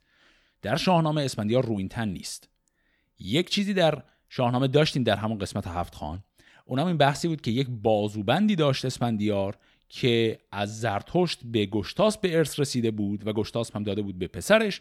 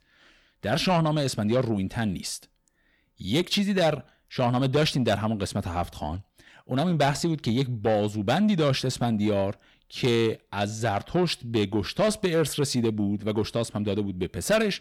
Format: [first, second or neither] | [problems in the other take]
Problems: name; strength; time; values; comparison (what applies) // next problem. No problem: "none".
first | distortion; slight; 10 dB below the speech